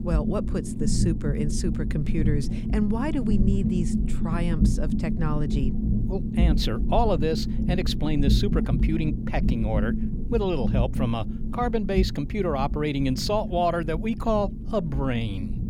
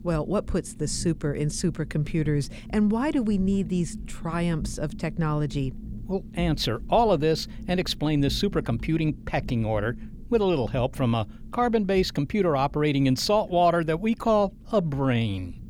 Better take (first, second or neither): second